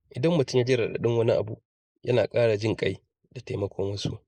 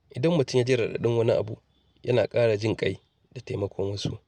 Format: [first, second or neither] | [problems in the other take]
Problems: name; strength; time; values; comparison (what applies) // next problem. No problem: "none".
second | noise reduction (neural mask model Resemble Enhance denoiser)